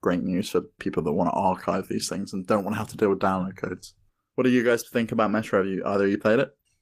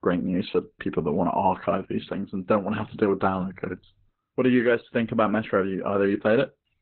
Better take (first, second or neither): first